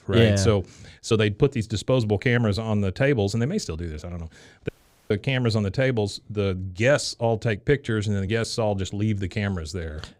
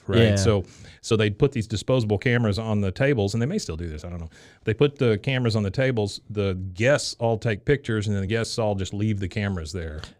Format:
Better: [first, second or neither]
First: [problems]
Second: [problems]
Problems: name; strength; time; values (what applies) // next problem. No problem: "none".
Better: second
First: audio cutting out; at 4.5 s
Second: none